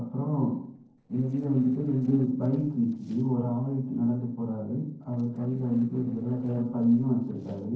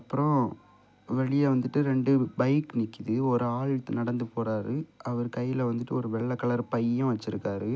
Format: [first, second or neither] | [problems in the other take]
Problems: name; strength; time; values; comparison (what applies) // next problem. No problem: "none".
second | noise reduction (neural separator model SepFormer DNS4)